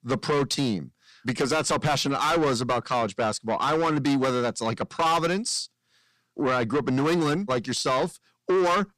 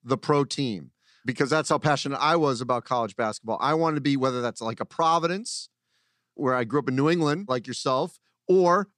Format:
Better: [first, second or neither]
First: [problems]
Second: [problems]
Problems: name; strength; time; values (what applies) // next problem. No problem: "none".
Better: second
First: distortion; heavy; 6 dB below the speech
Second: none